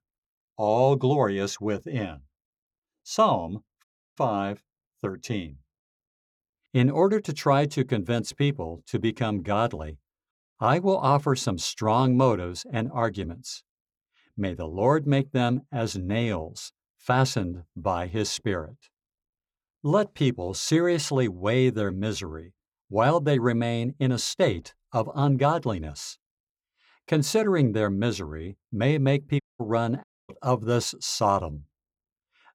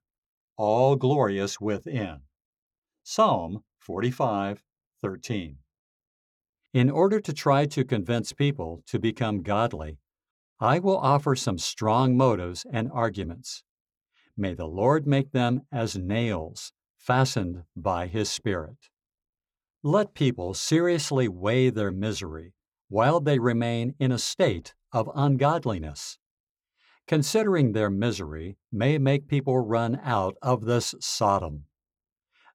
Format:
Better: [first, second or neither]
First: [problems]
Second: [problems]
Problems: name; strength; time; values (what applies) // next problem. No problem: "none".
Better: second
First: audio cutting out; at 4 s, at 29 s and at 30 s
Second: none